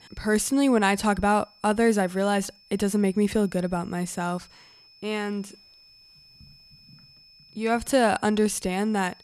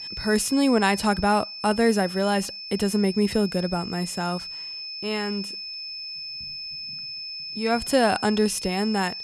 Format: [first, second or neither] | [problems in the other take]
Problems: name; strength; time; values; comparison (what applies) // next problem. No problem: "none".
first | high-pitched whine; loud; throughout; 5 kHz, 9 dB below the speech; faint in the first